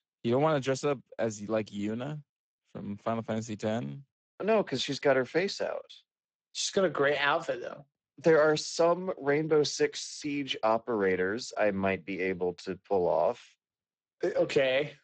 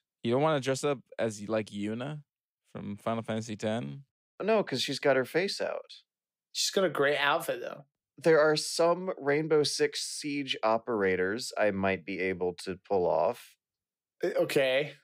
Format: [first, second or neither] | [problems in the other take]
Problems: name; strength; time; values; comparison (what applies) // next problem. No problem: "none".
second | garbled, watery; badly; nothing above 7.5 kHz